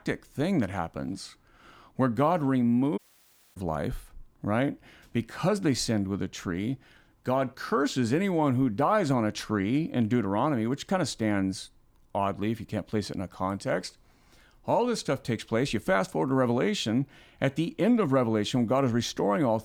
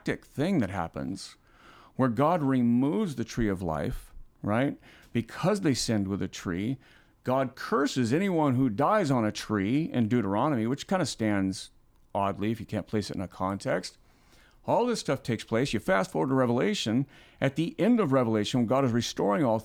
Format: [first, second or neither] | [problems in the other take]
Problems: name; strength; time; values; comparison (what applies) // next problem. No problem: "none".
second | audio cutting out; at 3 s for 0.5 s